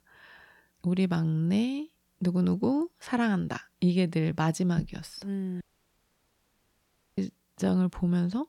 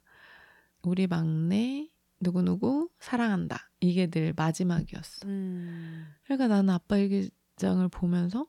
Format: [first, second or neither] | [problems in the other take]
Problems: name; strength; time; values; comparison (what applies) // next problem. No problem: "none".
second | audio cutting out; at 5.5 s for 1.5 s